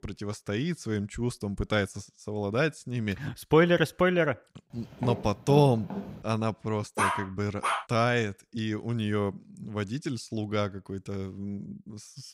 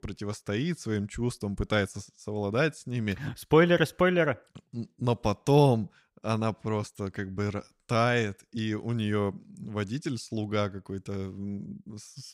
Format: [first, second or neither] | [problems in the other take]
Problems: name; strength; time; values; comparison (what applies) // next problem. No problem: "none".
second | footsteps; noticeable; from 5 to 6 s; peak 7 dB below the speech // dog barking; loud; at 7 s; peak 1 dB above the speech